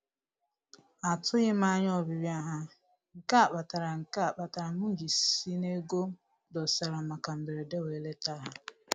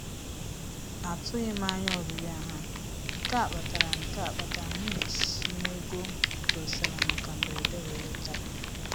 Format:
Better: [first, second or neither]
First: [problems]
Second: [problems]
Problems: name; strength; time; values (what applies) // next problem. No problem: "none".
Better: first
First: none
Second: background sound (Fire); 4 dB above the speech